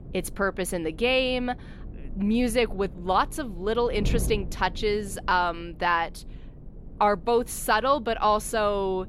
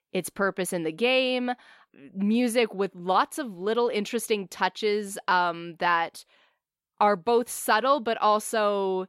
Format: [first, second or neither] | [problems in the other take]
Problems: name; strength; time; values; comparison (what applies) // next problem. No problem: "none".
second | wind noise on the microphone; occasional gusts; 25 dB below the speech